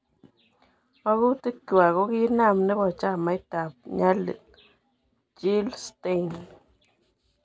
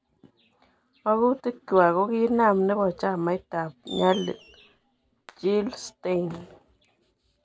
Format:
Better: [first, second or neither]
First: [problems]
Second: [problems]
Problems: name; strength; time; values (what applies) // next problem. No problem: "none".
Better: first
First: none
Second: background sound (Fireworks); 18 dB below the speech